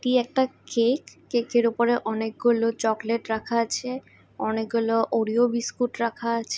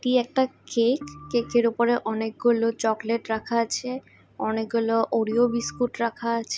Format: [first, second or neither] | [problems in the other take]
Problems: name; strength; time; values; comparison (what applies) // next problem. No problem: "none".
first | background sound (Organ); 18 dB below the speech